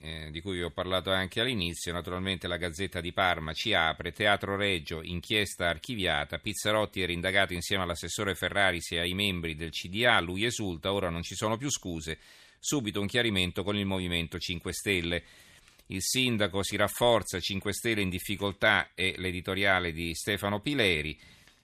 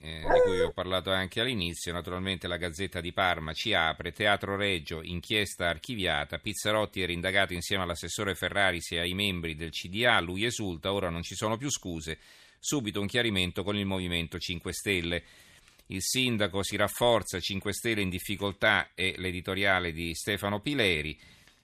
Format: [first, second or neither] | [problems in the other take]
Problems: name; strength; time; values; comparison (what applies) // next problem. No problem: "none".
first | dog barking; loud; at 0.5 s; peak 5 dB above the speech